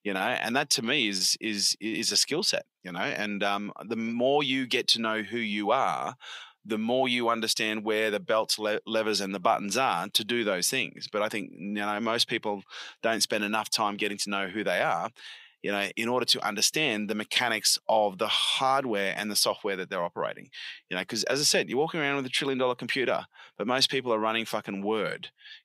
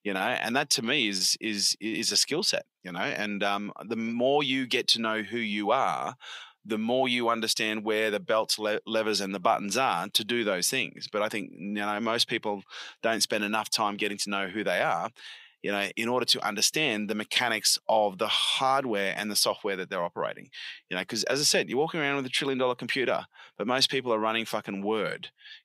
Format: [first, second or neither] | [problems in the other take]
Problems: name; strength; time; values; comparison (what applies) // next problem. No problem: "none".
neither | thin; somewhat; fading below 450 Hz; the same in both